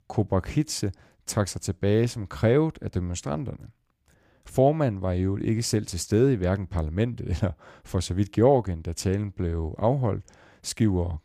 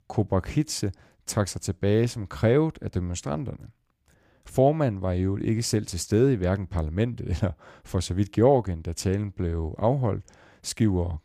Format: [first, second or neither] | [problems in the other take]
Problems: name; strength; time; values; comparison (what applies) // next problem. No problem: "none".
neither | none